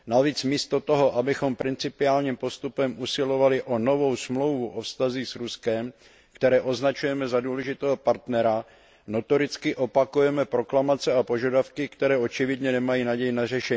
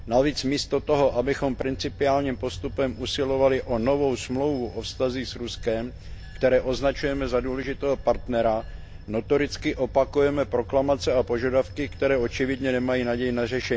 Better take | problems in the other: first | background sound (Bell / Train); 13 dB below the speech

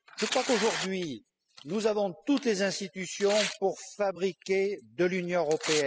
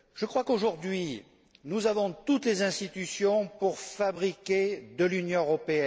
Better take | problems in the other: second | noise reduction (classical method spectral subtraction)

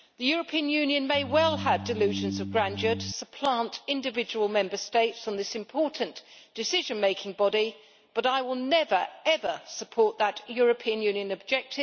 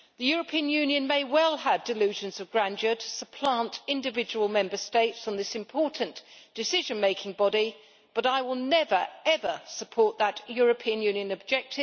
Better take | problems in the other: second | background sound (Organ); 7 dB below the speech

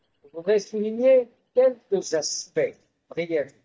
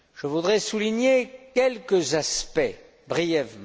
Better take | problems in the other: second | noise reduction (neural mask model DeepFilterNet 3)

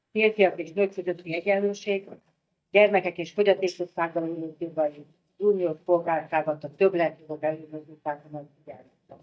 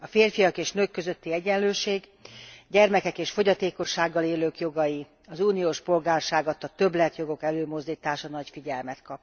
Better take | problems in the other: second | noise reduction (neural mask model DeepFilterNet 3)

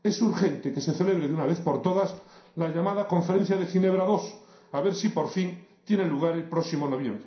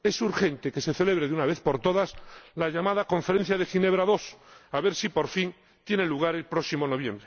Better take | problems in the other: second | room echo; dies away in 0.5 s

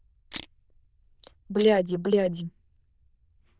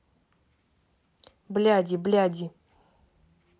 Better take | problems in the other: second | noise reduction (neural diffusion model UNIVERSE++)

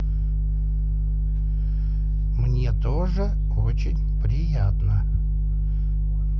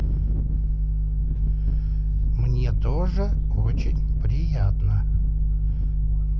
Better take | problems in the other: first | background sound (Wind); 8 dB below the speech

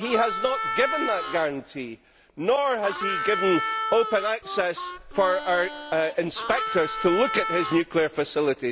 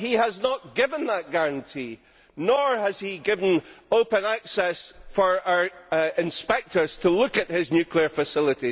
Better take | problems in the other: second | background sound (Harmonica); 6 dB below the speech

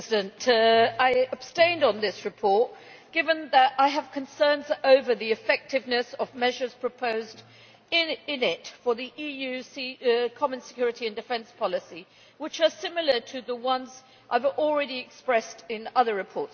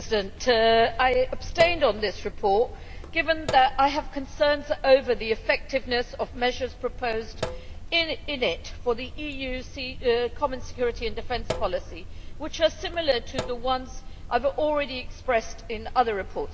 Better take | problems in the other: first | background sound (Sink (filling or washing)); 9 dB below the speech

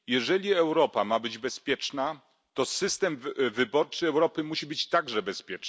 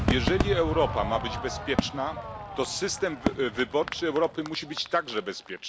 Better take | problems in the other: first | background sound (Crowd / Fireworks); 4 dB below the speech

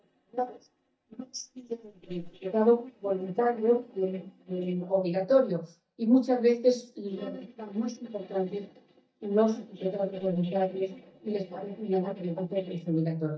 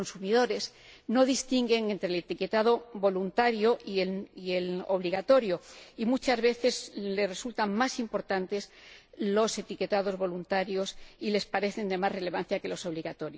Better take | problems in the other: second | noise reduction (neural mask model DeepFilterNet 3)

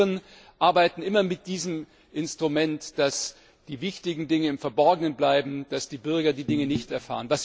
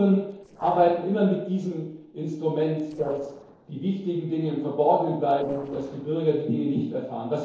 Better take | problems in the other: first | noise reduction (neural separator model SepFormer DNS4)

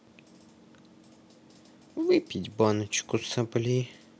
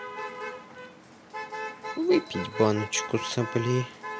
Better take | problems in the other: first | background sound (Motor vehicle (road)); 8 dB below the speech

